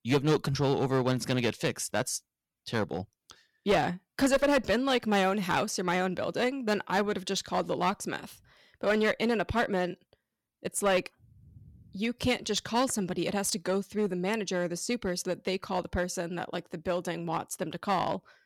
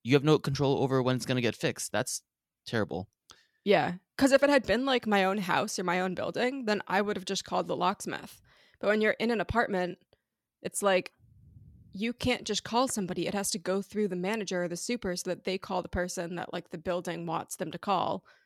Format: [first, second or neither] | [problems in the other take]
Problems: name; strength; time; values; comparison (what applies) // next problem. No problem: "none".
second | distortion; slight; 4% of the sound clipped